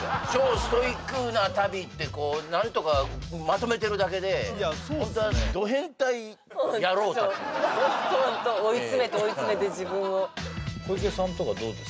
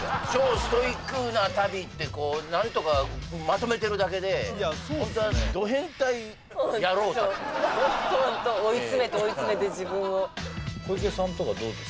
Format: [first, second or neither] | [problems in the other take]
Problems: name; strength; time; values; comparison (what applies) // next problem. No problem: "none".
first | background sound (Bird vocalization, bird call, bird song); 19 dB below the speech